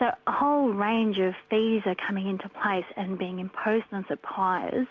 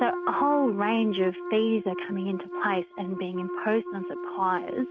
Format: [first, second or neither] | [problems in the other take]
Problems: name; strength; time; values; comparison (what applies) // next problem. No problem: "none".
first | noise reduction (neural mask model RNNoise)